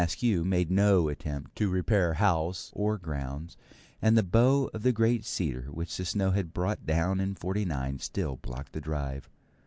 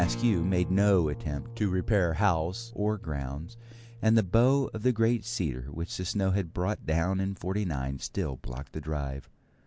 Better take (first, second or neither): first